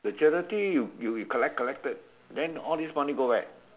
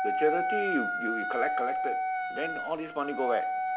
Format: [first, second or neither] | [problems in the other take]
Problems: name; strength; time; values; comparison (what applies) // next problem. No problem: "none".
first | background sound (Wind instrument, woodwind instrument); 2 dB above the speech